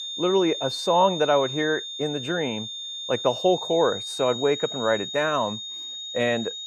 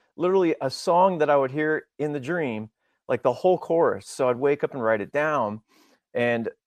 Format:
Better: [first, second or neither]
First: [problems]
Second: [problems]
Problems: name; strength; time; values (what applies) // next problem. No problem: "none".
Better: second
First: high-pitched whine; loud; throughout; 3.5 kHz, 7 dB below the speech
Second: none